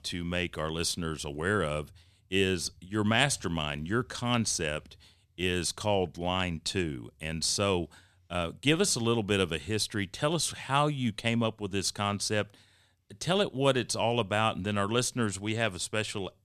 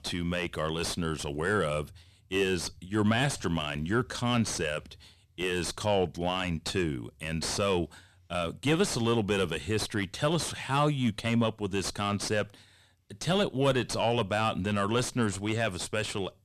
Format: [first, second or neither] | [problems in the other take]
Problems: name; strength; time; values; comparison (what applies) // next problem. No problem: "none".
first | distortion; heavy; 6 dB below the speech